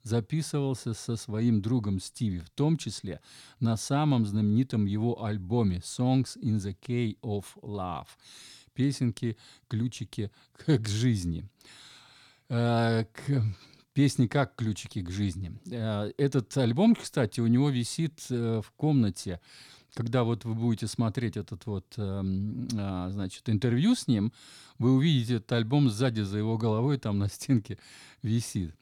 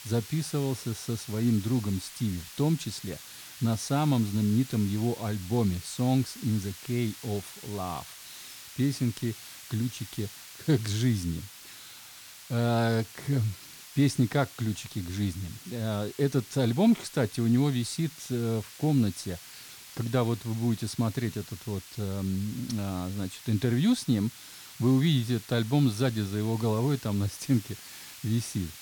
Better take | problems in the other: first | hiss; noticeable; throughout; 15 dB below the speech

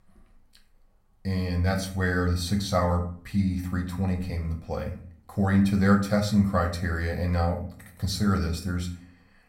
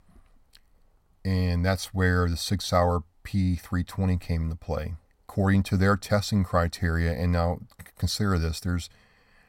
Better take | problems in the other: second | room echo; slight; dies away in 0.4 s // off-mic speech; somewhat distant

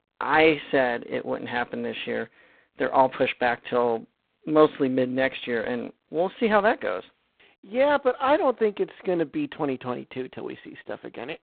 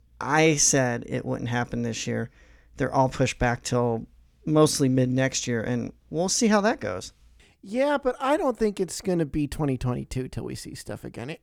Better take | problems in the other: second | phone-call audio; poor line; nothing above 4 kHz

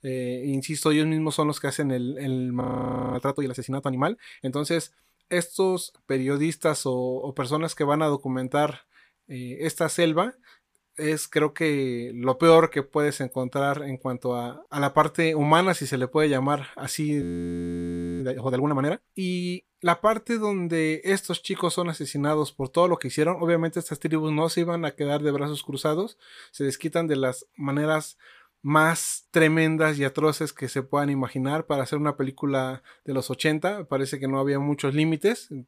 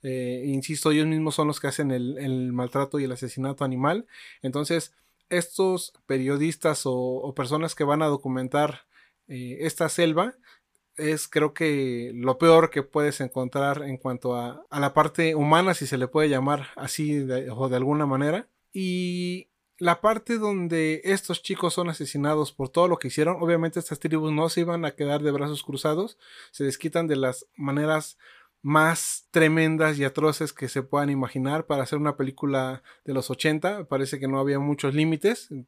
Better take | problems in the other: second | audio freezing; at 2.5 s for 0.5 s and at 17 s for 1 s

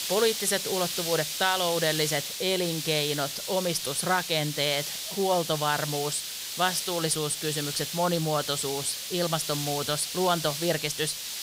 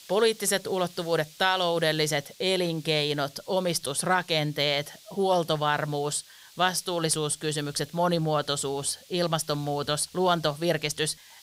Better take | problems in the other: second | hiss; loud; throughout; 4 dB below the speech; faint in the second

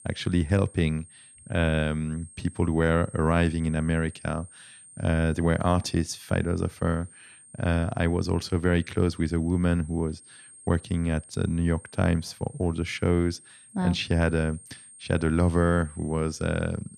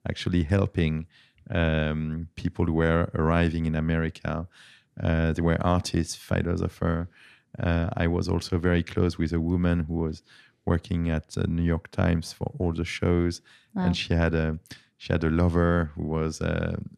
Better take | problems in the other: second | high-pitched whine; faint; throughout; 8.5 kHz, 20 dB below the speech

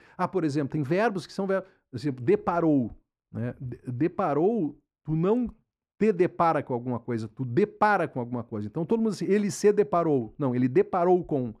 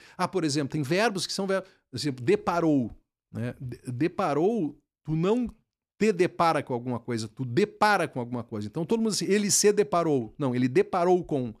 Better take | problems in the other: second | muffled; slightly; fading above 2.5 kHz

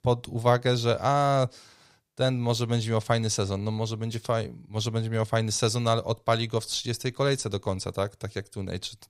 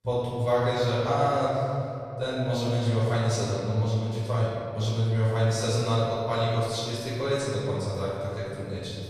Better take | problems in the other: first | off-mic speech; far // room echo; strong; dies away in 2.5 s

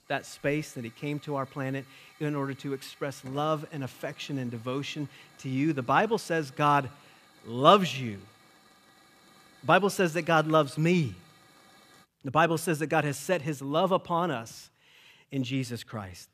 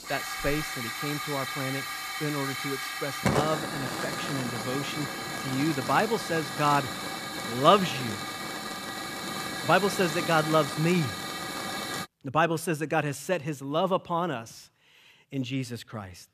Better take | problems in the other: first | hiss; loud; until 12 s; 4 dB below the speech; faint in the first

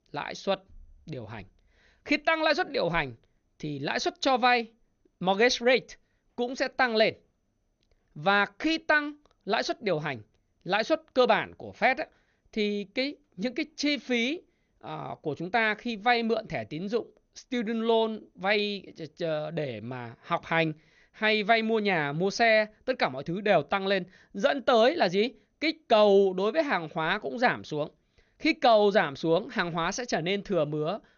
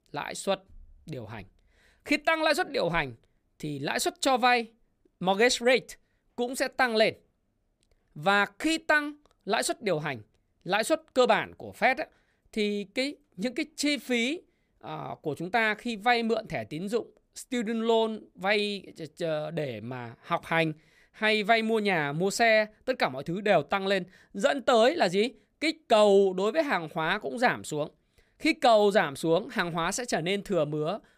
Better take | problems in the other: second | garbled, watery; slightly; nothing above 6.5 kHz

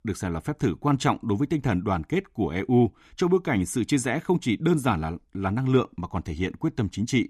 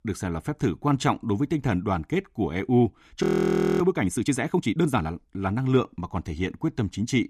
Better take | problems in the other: first | audio freezing; at 3 s for 0.5 s

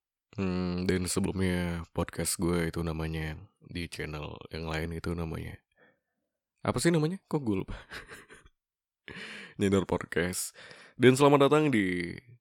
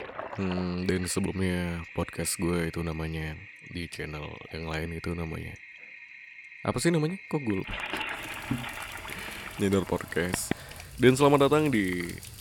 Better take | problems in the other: first | household noises; noticeable; throughout; 10 dB below the speech

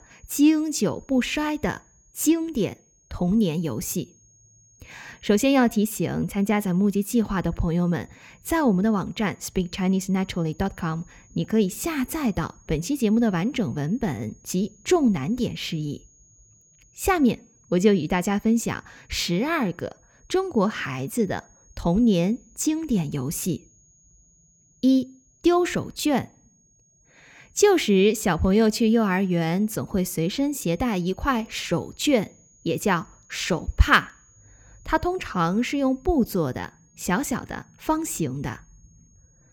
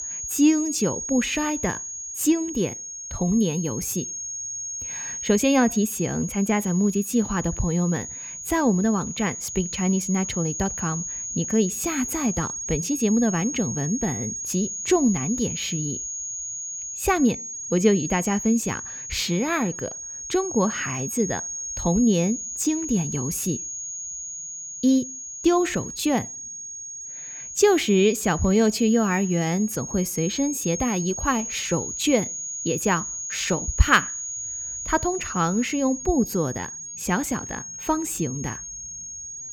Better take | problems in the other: first | high-pitched whine; loud; throughout; 6.5 kHz, 6 dB below the speech; faint in the first

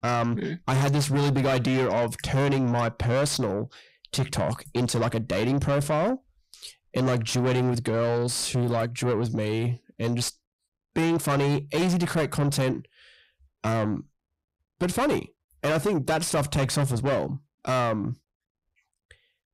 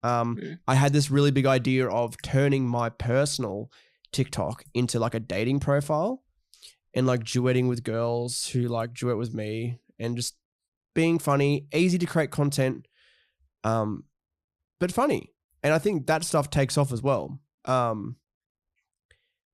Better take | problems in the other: second | distortion; heavy; 7 dB below the speech

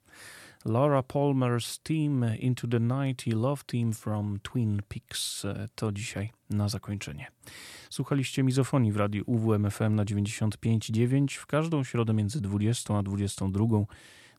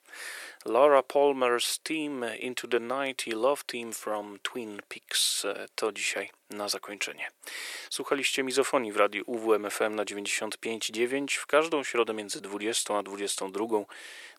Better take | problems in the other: first | thin; very; fading below 400 Hz

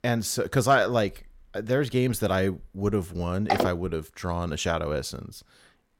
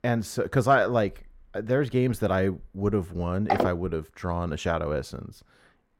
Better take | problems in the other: first | muffled; slightly; fading above 2.5 kHz

